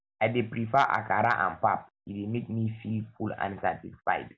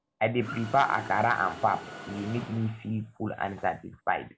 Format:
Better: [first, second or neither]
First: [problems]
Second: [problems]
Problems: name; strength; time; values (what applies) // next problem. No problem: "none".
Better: first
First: none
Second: background sound (Mechanisms); 15 dB below the speech